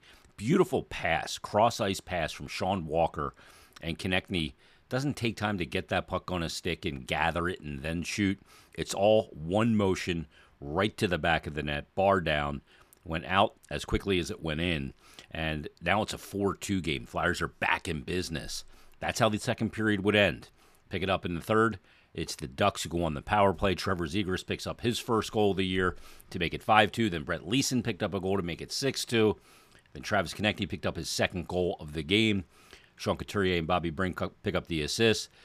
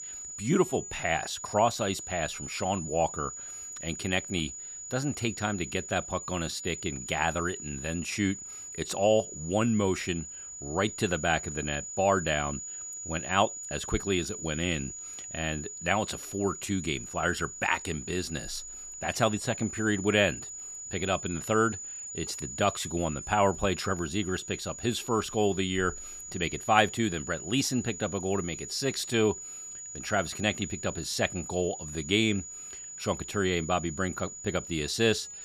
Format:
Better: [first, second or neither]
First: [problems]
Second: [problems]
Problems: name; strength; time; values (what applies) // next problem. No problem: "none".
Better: first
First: none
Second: high-pitched whine; loud; throughout; 7 kHz, 9 dB below the speech